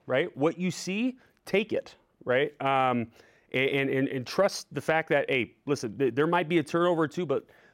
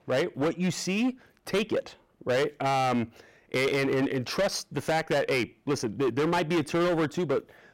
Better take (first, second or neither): first